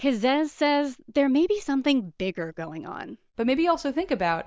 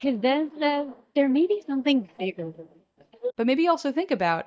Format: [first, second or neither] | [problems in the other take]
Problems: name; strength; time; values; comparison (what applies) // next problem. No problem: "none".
first | noise reduction (neural mask model DeepFilterNet 3)